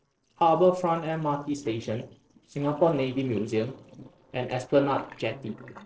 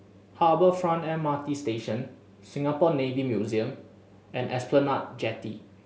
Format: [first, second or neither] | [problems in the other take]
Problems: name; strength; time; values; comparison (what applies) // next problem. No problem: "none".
second | noise reduction (neural separator model SepFormer DNS4)